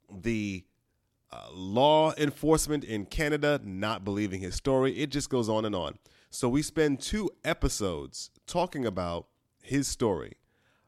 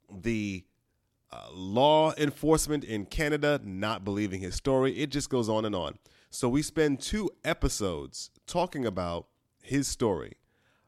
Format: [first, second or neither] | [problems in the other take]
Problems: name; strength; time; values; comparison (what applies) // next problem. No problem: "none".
neither | none